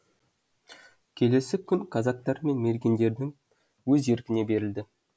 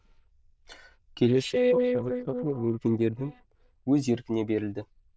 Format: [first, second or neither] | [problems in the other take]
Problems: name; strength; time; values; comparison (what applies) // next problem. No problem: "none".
first | noise reduction (neural diffusion model UNIVERSE++)